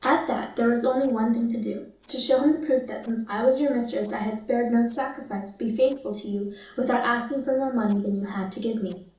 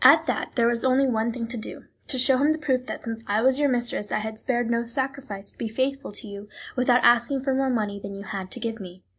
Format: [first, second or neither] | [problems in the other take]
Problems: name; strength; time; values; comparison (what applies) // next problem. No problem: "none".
second | noise reduction (neural separator model SepFormer DNS4)